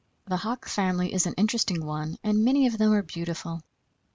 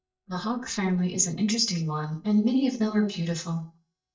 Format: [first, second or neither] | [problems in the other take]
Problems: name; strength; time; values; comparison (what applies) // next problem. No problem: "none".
first | noise reduction (neural mask model DeepFilterNet 3)